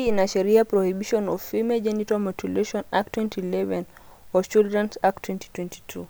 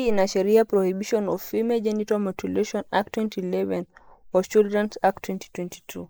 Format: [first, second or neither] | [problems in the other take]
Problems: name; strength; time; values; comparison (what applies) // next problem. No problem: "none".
first | noise reduction (neural mask model Resemble Enhance denoiser)